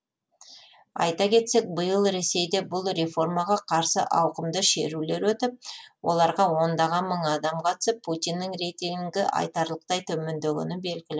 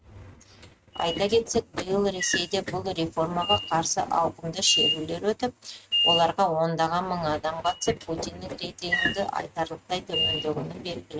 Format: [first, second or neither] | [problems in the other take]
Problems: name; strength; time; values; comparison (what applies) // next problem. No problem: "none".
first | noise reduction (neural mask model RNNoise)